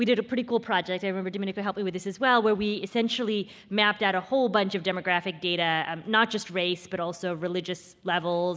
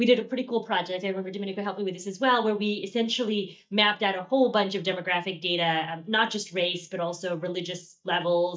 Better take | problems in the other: first | noise reduction (neural mask model DeepFilterNet 3)

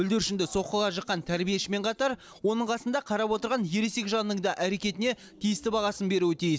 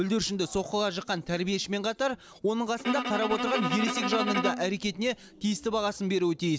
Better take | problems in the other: first | background sound (Bowed string instrument); 3 dB below the speech

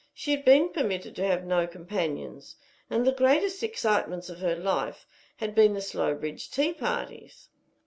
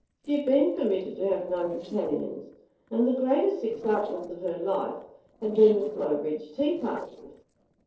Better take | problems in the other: first | noise reduction (neural separator model SepFormer DNS4)

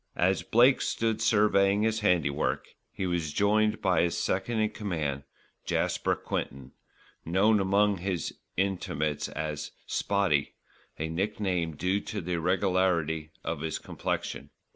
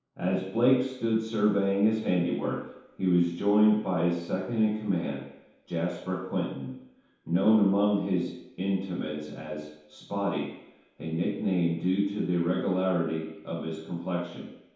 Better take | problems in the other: first | room echo; dies away in 0.8 s

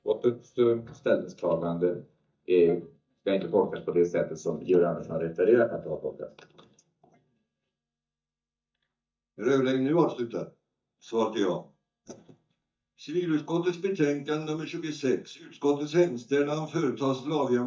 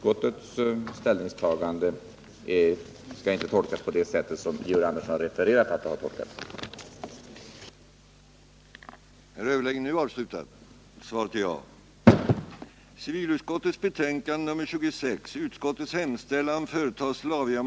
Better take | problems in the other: second | noise reduction (neural mask model DeepFilterNet 3)

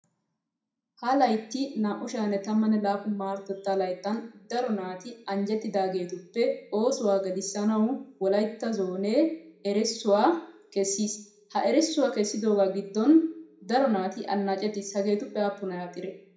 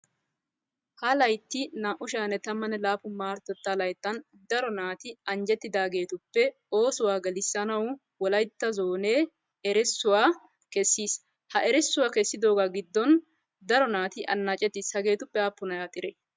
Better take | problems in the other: second | room echo; dies away in 0.4 s

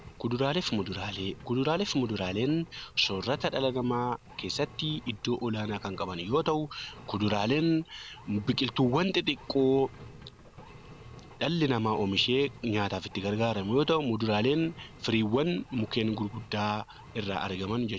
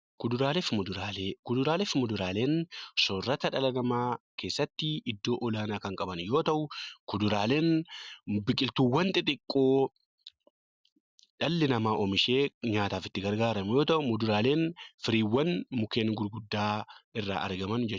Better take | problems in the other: second | background sound (Engine); 19 dB below the speech

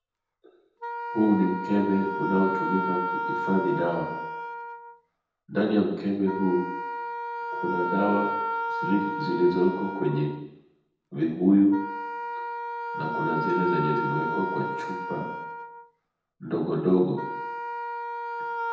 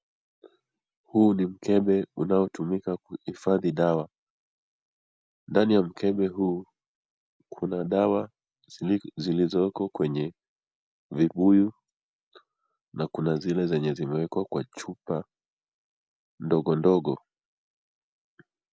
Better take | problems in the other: second | background sound (Wind instrument, woodwind instrument); 5 dB below the speech // room echo; dies away in 0.9 s

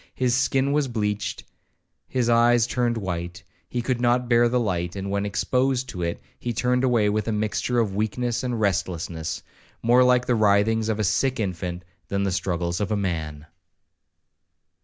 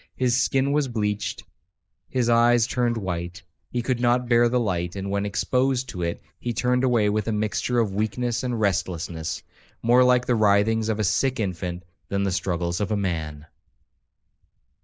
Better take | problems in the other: first | noise reduction (neural mask model Resemble Enhance denoiser)

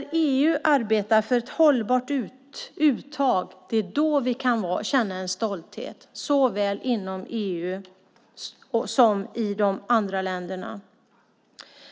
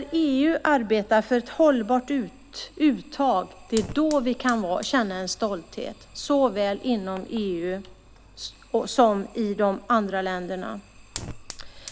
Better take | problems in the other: first | background sound (Fire); 19 dB below the speech

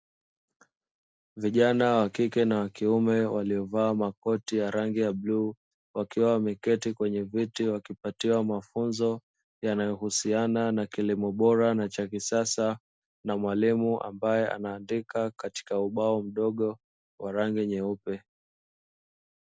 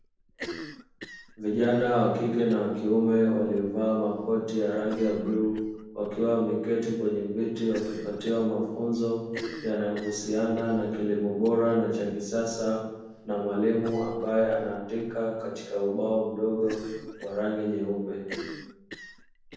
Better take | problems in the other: first | background sound (Cough); 18 dB below the speech // room echo; dies away in 1.1 s

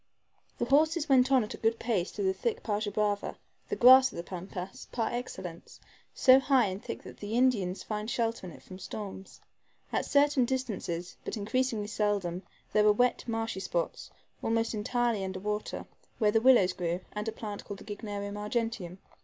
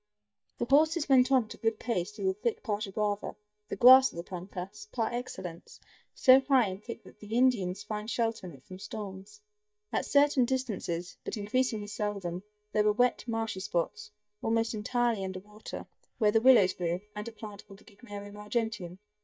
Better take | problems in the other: first | noise reduction (neural mask model DeepFilterNet 3)

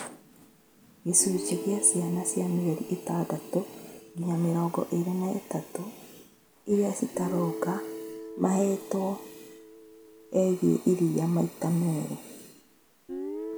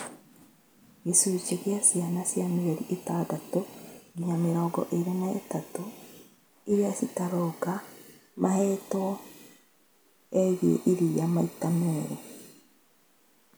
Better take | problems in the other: second | background sound (Guitar); 13 dB below the speech

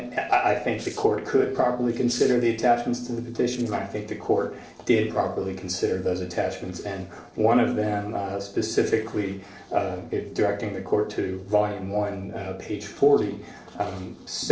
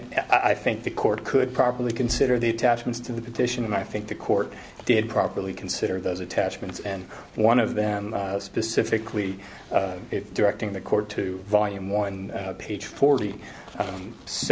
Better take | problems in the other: second | noise reduction (neural separator model SepFormer DNS4)

